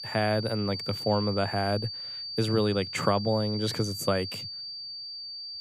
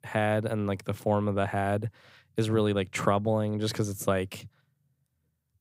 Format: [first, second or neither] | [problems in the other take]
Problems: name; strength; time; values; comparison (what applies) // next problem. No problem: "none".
second | high-pitched whine; loud; throughout; 4.5 kHz, 7 dB below the speech